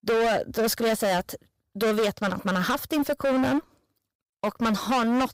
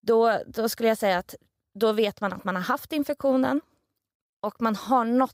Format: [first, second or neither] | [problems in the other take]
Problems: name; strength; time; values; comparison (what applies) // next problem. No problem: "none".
second | distortion; heavy; 22% of the sound clipped